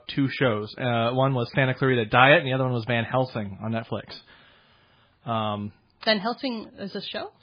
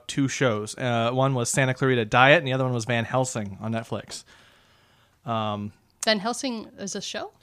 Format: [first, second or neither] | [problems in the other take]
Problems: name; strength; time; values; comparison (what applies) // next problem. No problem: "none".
second | garbled, watery; badly; nothing above 4.5 kHz